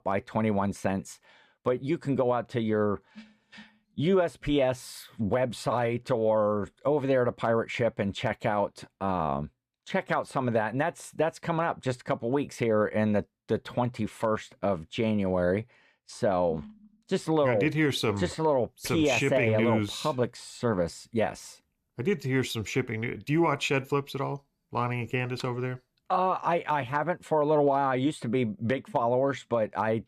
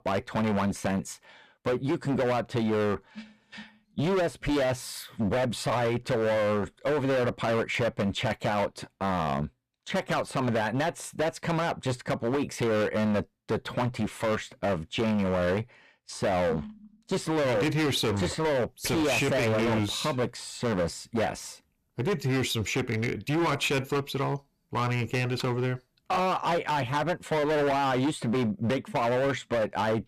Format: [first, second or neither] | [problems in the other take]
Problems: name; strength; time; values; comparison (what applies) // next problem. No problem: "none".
first | distortion; heavy; 22% of the sound clipped